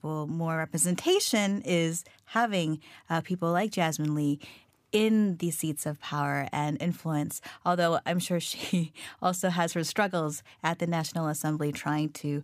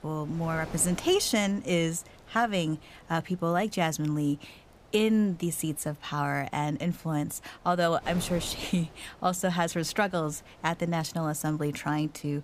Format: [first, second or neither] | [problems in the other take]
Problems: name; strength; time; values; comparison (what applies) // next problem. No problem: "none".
first | wind noise on the microphone; occasional gusts; 20 dB below the speech